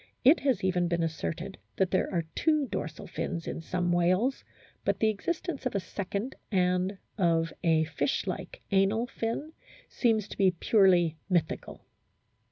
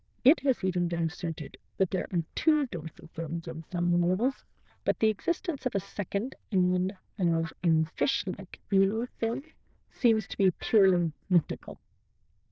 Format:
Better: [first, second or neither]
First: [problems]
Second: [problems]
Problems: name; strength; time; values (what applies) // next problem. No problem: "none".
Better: first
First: none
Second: noise reduction (neural diffusion model UNIVERSE++)